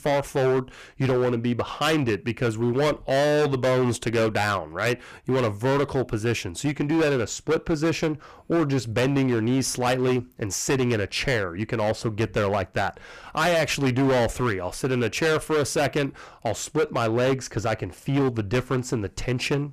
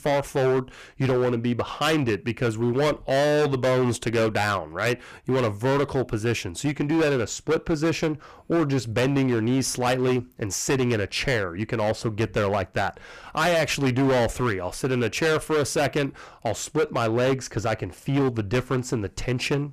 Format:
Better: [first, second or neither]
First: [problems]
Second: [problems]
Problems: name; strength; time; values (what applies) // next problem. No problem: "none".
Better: neither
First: distortion; heavy; 16% of the sound clipped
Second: distortion; heavy; 16% of the sound clipped